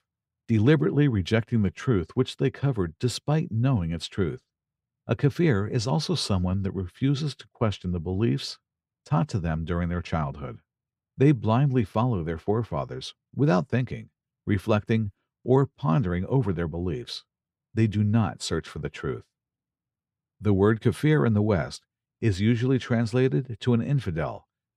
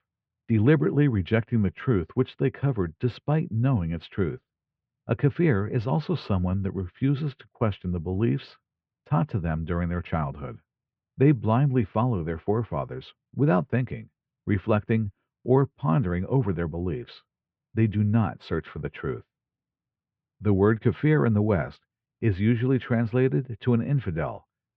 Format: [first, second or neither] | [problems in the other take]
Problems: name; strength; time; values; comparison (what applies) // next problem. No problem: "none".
first | muffled; very; fading above 3 kHz